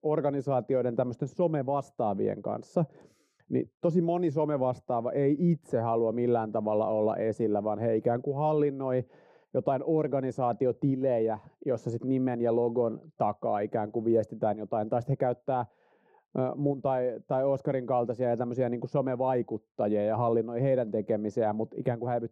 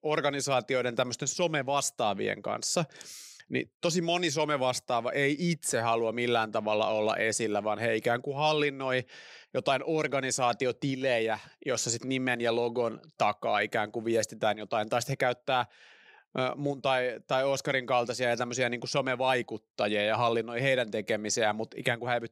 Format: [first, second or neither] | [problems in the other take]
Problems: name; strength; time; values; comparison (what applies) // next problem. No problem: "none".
second | muffled; very; fading above 1.5 kHz